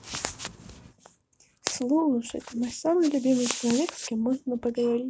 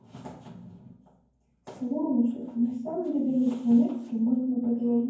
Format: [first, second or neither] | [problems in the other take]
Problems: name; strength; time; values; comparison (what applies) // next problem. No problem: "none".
first | room echo; dies away in 0.9 s